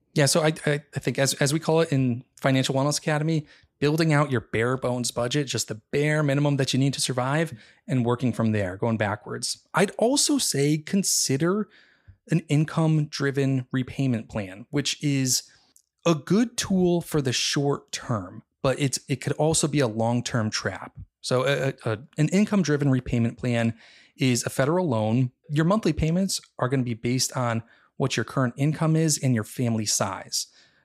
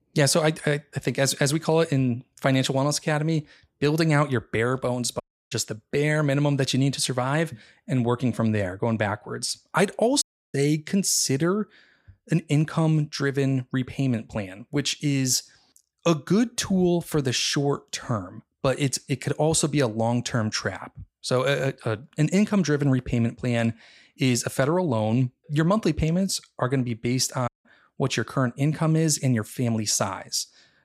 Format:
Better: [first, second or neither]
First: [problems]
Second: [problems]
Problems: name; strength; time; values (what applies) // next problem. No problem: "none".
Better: first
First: none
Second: audio cutting out; at 5 s, at 10 s and at 27 s